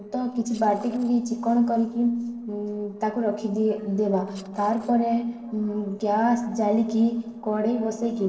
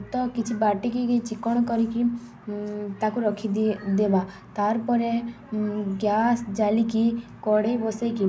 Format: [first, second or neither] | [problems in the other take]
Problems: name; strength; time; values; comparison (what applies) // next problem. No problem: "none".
second | noise reduction (neural separator model SepFormer DNS4)